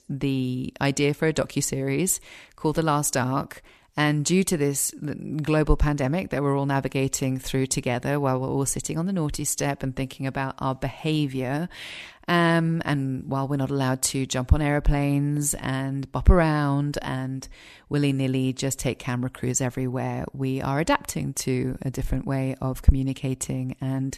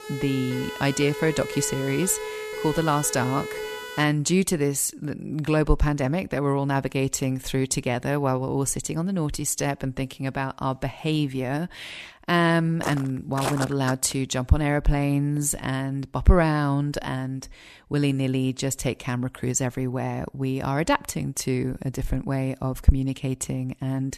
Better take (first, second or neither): first